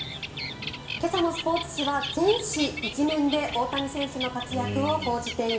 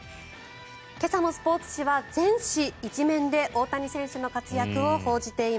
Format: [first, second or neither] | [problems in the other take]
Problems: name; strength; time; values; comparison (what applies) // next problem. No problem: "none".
second | background sound (Bird); 8 dB below the speech // room echo; dies away in 0.5 s